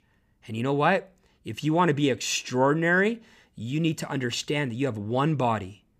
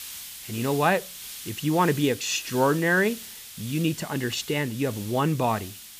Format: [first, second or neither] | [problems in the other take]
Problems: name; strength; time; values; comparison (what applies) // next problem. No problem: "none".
first | hiss; noticeable; throughout; 15 dB below the speech